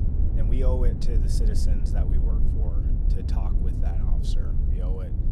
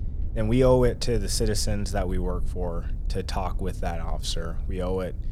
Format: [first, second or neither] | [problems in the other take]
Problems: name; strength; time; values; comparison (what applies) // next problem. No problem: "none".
second | low rumble; loud; throughout; 1 dB below the speech; faint in the second